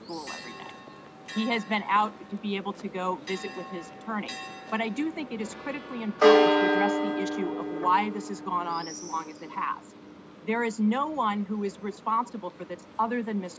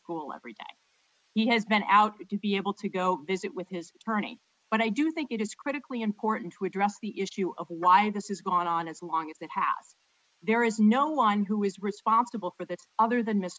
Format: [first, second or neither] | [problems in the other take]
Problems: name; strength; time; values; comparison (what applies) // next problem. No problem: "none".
second | background sound (Church bell); as loud as the speech